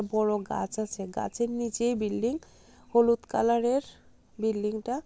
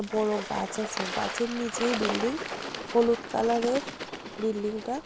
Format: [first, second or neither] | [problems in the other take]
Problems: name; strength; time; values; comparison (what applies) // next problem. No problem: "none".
first | background sound (Water / Bird); 6 dB below the speech